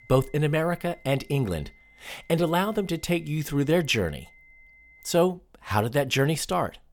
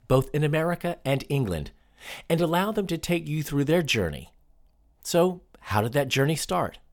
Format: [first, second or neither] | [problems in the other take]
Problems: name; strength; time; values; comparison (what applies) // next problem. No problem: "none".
second | high-pitched whine; faint; until 5 s; 2 kHz, 30 dB below the speech